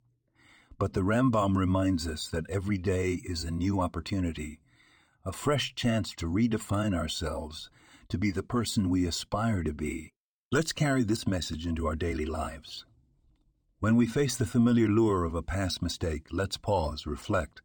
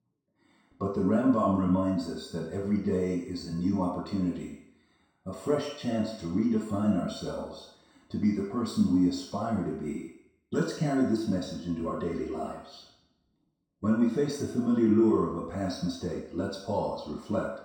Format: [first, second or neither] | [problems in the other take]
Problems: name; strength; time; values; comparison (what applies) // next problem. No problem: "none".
first | room echo; noticeable; dies away in 0.7 s // off-mic speech; far